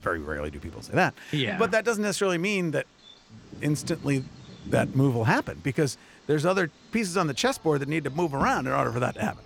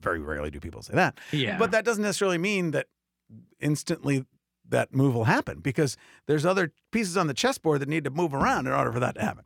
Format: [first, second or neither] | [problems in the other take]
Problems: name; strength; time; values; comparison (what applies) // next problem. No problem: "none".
second | animal sounds; noticeable; throughout; 15 dB below the speech